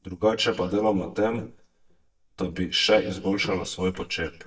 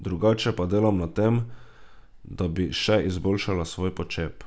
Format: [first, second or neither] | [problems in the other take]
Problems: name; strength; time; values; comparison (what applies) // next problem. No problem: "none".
second | noise reduction (neural mask model DeepFilterNet 3)